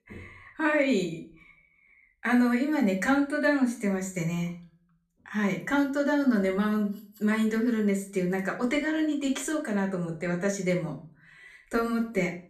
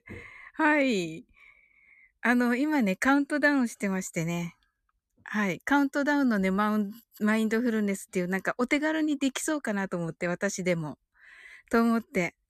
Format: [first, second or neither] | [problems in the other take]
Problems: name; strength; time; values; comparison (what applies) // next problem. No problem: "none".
second | room echo; slight; dies away in 0.3 s // off-mic speech; far